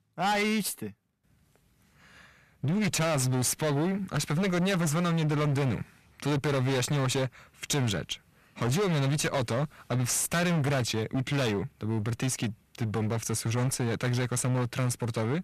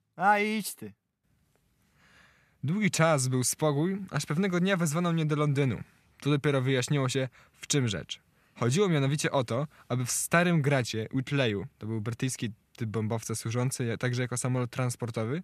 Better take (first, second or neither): second